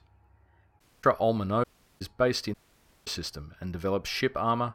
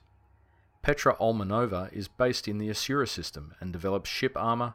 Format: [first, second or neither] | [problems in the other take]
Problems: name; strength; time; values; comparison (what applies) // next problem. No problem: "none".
second | audio cutting out; at 1 s, at 1.5 s and at 2.5 s for 0.5 s